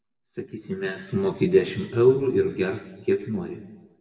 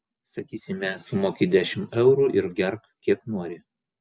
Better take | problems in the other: second | room echo; dies away in 1.1 s

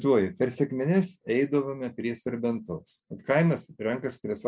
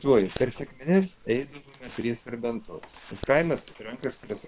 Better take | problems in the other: first | noise reduction (neural separator model SepFormer WHAM!)

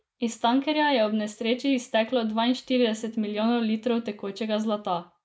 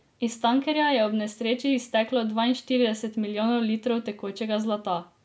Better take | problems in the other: second | noise reduction (neural mask model Resemble Enhance denoiser)

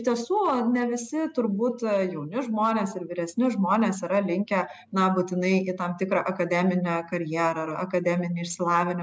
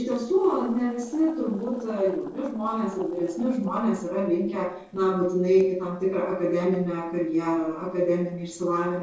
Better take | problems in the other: first | noise reduction (neural separator model SepFormer DNS4)

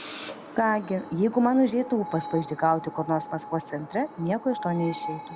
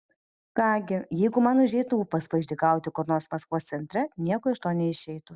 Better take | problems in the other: second | background sound (Screech); 12 dB below the speech

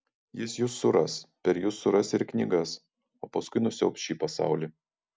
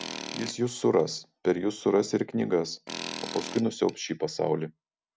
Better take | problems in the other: first | background sound (Tools); 14 dB below the speech

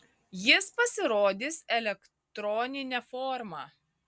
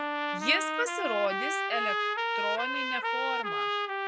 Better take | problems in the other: first | background sound (Trumpet); 3 dB above the speech

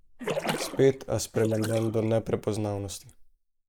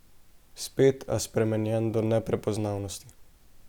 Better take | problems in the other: second | noise reduction (neural mask model Resemble Enhance denoiser)

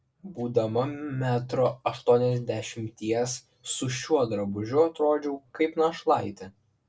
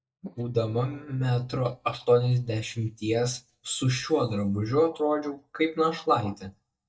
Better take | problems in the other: first | noise reduction (neural mask model DeepFilterNet 3)

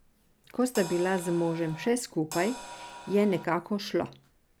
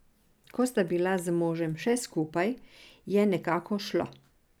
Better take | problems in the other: second | background sound (Crash cymbal); 13 dB below the speech

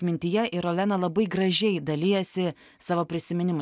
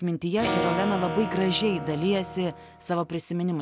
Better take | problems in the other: first | background sound (Acoustic guitar / Strum); 6 dB below the speech

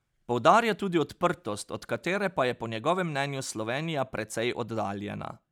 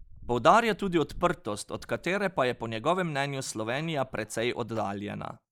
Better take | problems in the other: first | noise reduction (neural mask model Resemble Enhance denoiser)

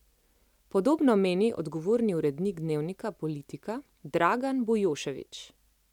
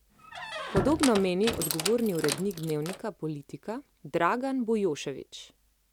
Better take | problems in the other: first | background sound (Squeak); 5 dB below the speech

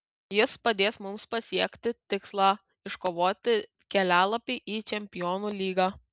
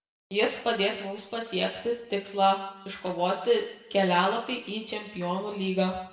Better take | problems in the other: first | room echo; dies away in 0.9 s

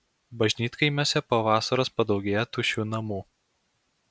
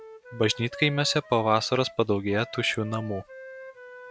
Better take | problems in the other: first | background sound (Wind instrument, woodwind instrument); 17 dB below the speech

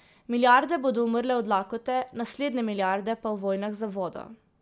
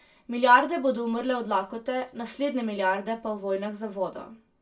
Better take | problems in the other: first | room echo; dies away in 0.2 s

